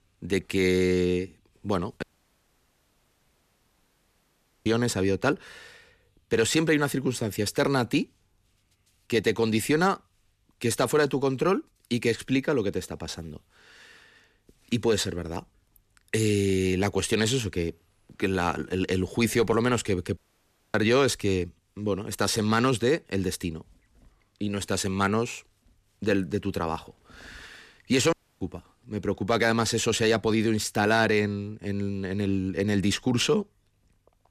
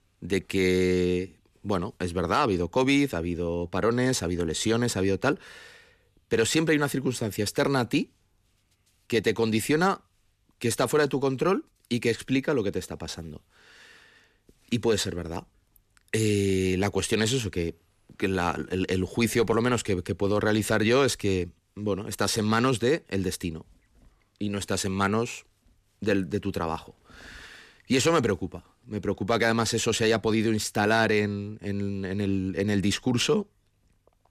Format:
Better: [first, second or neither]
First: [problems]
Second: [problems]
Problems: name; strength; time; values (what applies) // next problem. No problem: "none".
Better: second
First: audio cutting out; at 2 s for 2.5 s, at 20 s for 0.5 s and at 28 s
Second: none